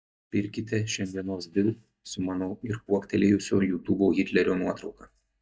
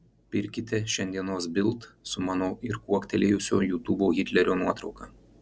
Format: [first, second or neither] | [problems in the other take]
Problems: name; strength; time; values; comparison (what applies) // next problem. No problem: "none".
second | noise reduction (neural mask model DeepFilterNet 3)